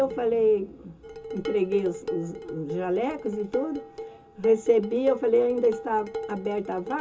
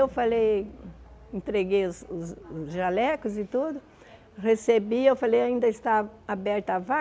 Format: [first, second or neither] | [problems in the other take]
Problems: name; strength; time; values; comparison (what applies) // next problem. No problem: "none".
second | background sound (Dishes, pots, and pans); 11 dB below the speech // room echo; dies away in 0.2 s